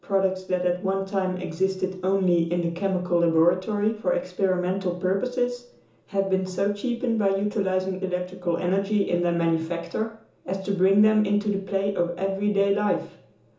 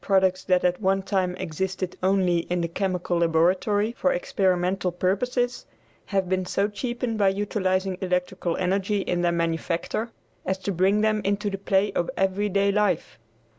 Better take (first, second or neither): second